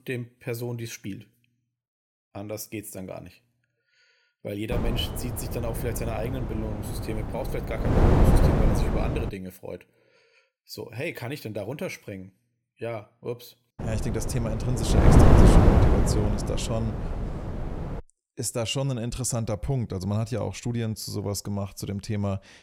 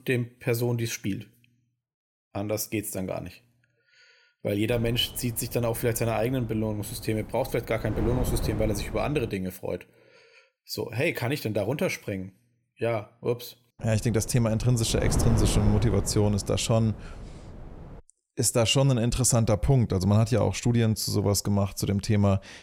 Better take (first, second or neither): second